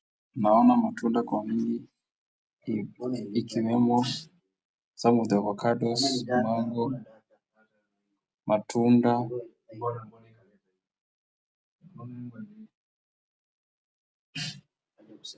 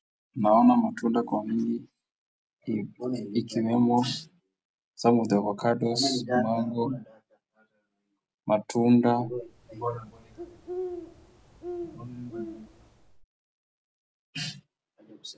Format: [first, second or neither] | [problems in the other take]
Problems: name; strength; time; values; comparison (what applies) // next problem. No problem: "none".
first | background sound (Bird); 12 dB below the speech